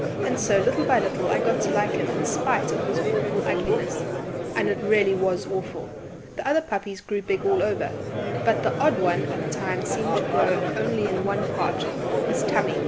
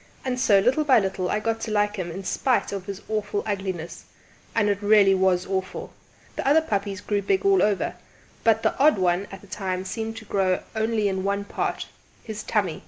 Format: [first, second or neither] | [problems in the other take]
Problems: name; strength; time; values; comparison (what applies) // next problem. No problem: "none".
second | background sound (Crowd); as loud as the speech